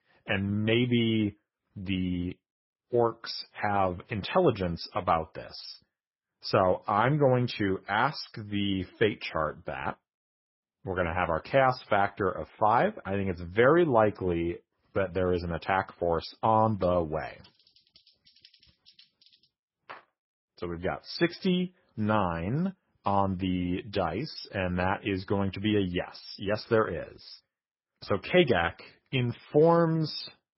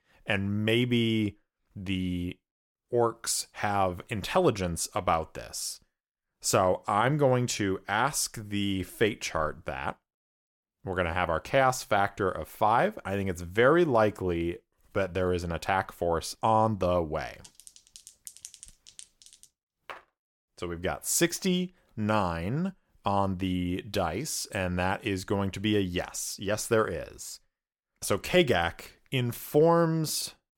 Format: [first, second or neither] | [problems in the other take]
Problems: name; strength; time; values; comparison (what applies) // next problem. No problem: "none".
second | garbled, watery; badly; nothing above 5.5 kHz